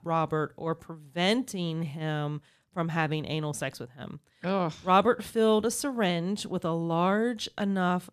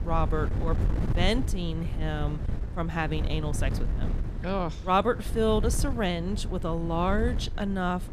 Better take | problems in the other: first | wind noise on the microphone; occasional gusts; 15 dB below the speech

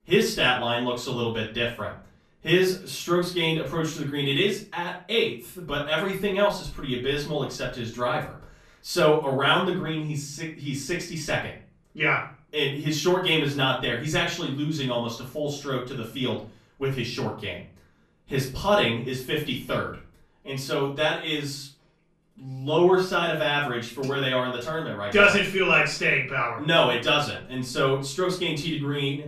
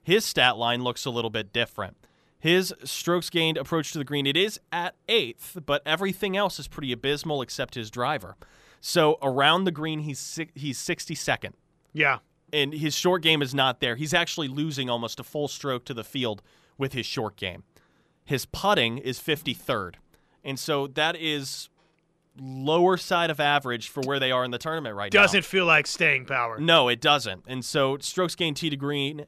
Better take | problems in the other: second | room echo; slight; dies away in 0.3 s // off-mic speech; far

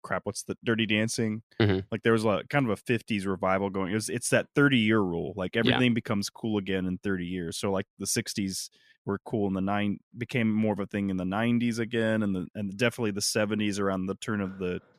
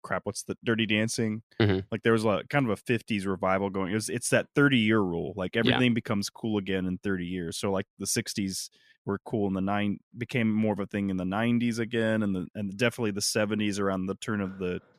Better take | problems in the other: neither | none

